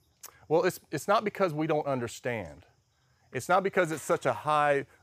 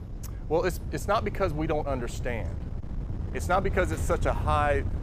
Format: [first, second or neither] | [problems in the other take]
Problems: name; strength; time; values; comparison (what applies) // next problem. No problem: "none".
first | wind noise on the microphone; occasional gusts; 20 dB below the speech